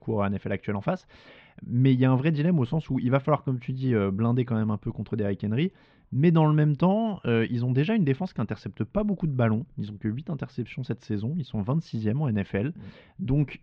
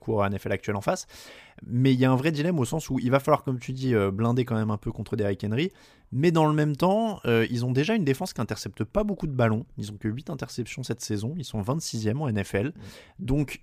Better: second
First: muffled; slightly; fading above 3.5 kHz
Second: none

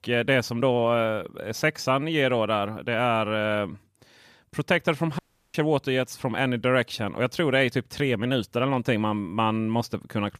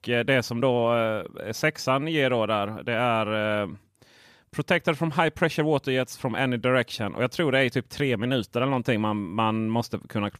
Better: second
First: audio cutting out; at 5 s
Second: none

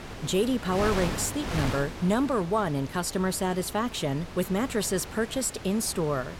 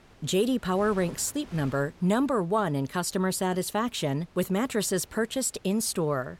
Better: second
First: wind noise on the microphone; heavy; 9 dB below the speech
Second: wind noise on the microphone; occasional gusts; 25 dB below the speech

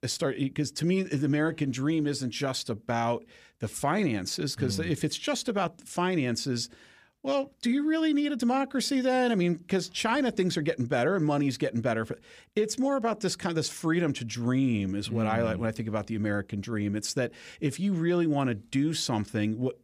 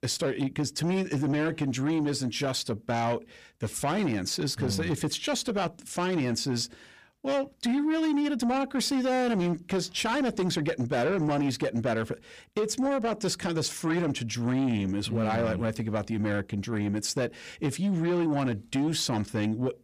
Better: first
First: none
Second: distortion; slight; 10 dB below the speech

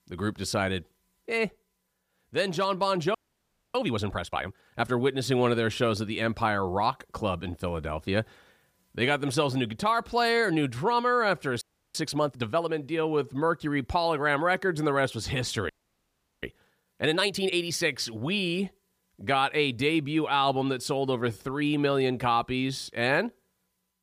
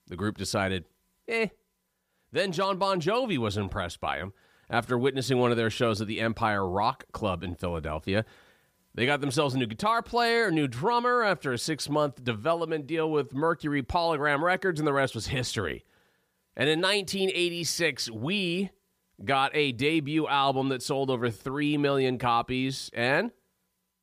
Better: second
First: audio freezing; at 3 s for 0.5 s, at 12 s and at 16 s for 0.5 s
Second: none

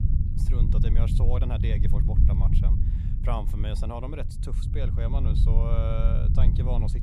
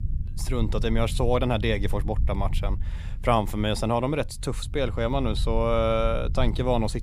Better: second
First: low rumble; loud; throughout; 3 dB below the speech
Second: low rumble; faint; throughout; 20 dB below the speech

